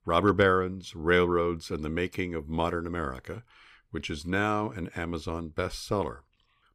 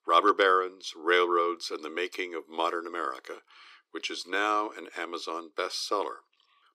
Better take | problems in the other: first | thin; very; fading below 350 Hz

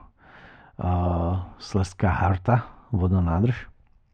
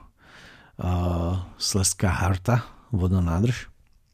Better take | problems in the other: second | muffled; very; fading above 2 kHz

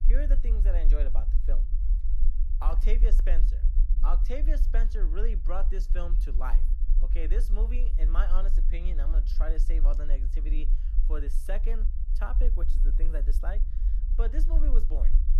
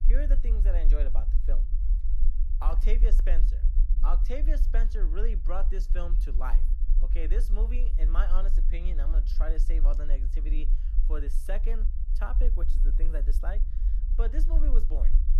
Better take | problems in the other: neither | low rumble; noticeable; throughout; 10 dB below the speech; the same in both

